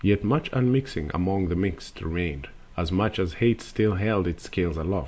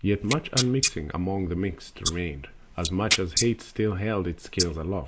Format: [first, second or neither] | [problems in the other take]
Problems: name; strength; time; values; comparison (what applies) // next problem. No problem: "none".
first | noise reduction (neural mask model Resemble Enhance denoiser)